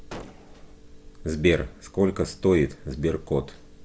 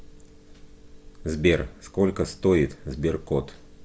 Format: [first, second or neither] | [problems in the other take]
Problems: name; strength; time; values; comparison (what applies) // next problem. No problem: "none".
second | background sound (Gunshot, gunfire); 18 dB below the speech